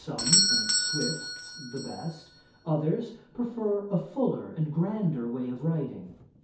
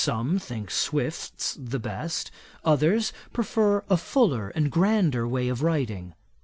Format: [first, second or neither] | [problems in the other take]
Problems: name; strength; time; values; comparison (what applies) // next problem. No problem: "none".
second | background sound (Doorbell); 1 dB below the speech // room echo; dies away in 0.6 s